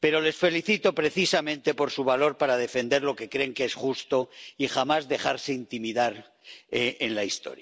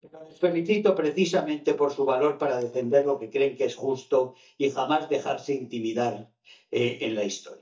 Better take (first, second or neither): first